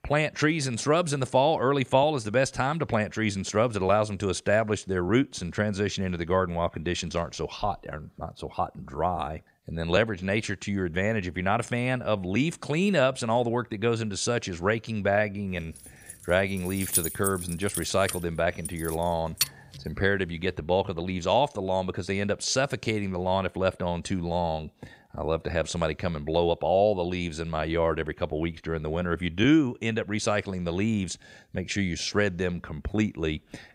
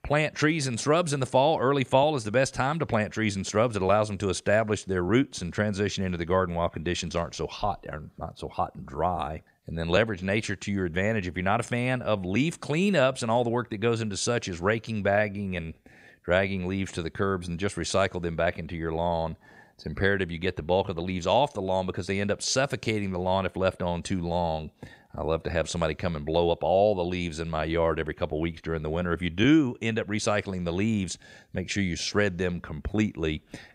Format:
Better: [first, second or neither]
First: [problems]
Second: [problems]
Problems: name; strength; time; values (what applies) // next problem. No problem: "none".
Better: second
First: jangling keys; loud; from 16 to 19 s; peak 1 dB above the speech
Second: none